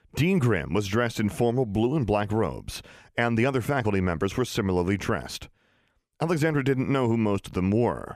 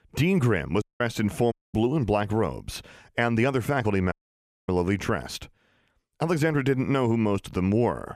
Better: first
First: none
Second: audio cutting out; at 1 s, at 1.5 s and at 4 s for 0.5 s

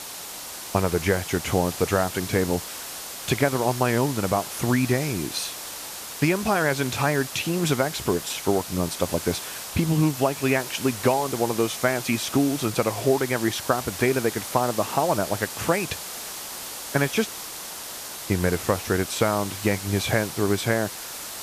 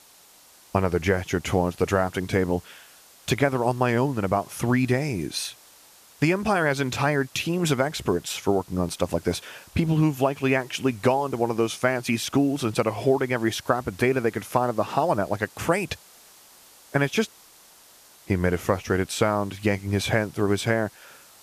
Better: second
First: hiss; loud; throughout; 8 dB below the speech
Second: hiss; faint; throughout; 25 dB below the speech

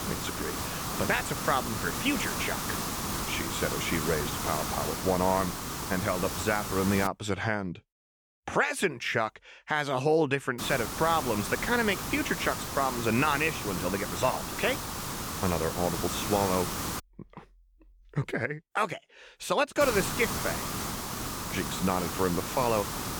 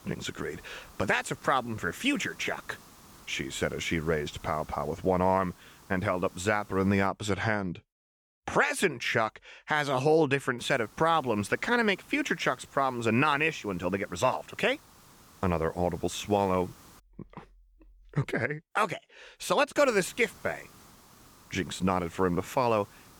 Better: second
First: hiss; loud; until 7 s, from 11 to 17 s and from 20 s on; 3 dB below the speech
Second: hiss; faint; until 7 s, from 11 to 17 s and from 20 s on; 25 dB below the speech

